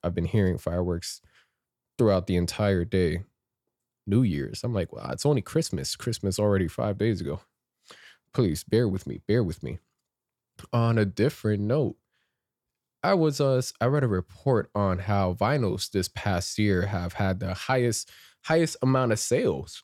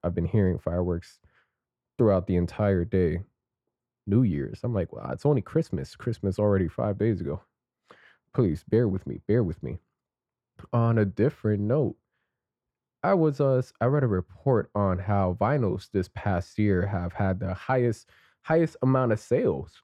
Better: first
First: none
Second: muffled; very; fading above 3 kHz

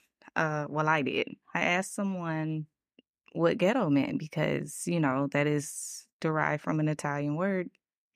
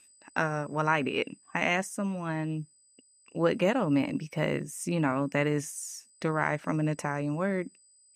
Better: first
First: none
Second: high-pitched whine; faint; throughout; 8 kHz, 30 dB below the speech

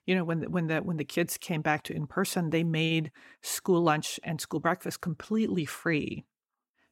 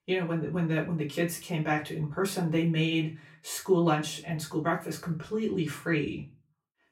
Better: first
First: none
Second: off-mic speech; far // room echo; very slight; dies away in 0.3 s

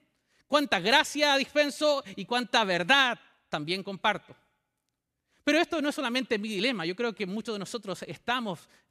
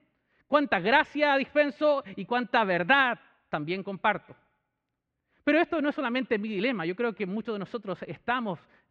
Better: first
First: none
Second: muffled; very; fading above 2.5 kHz

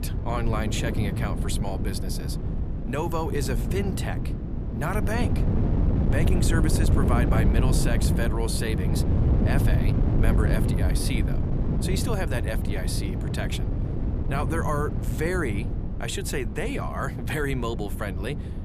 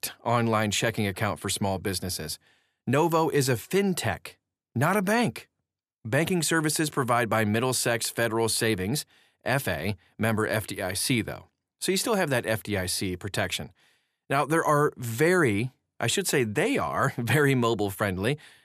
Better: second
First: wind noise on the microphone; heavy; 4 dB below the speech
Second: none

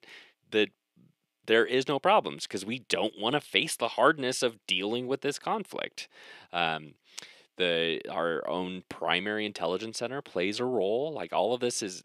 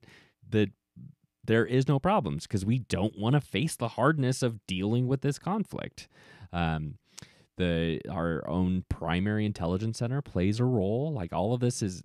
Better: second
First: thin; somewhat; fading below 450 Hz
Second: none

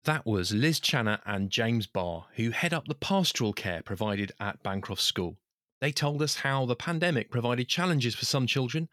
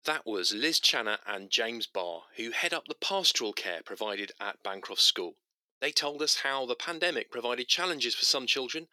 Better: first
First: none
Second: thin; very; fading below 350 Hz

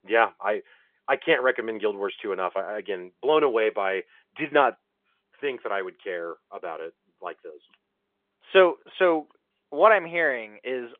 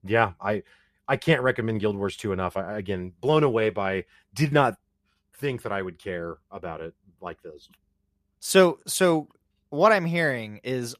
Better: second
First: phone-call audio; nothing above 3.5 kHz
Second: none

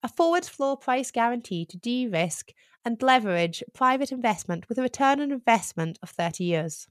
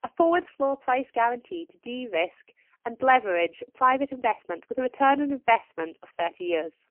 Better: first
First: none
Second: phone-call audio; poor line; nothing above 3 kHz

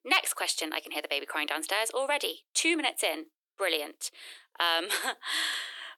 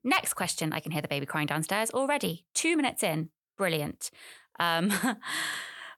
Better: second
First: thin; very; fading below 300 Hz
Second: none

